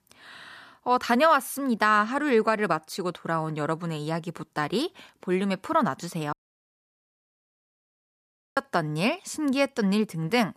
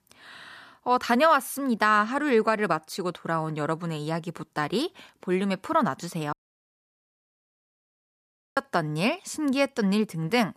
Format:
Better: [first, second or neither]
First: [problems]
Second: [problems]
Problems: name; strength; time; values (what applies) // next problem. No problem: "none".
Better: neither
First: audio cutting out; at 6.5 s for 2 s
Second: audio cutting out; at 6.5 s for 2 s